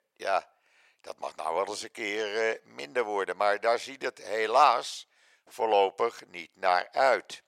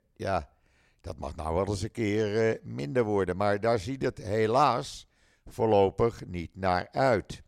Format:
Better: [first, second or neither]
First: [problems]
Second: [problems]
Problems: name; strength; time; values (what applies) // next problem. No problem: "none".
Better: second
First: thin; very; fading below 700 Hz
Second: none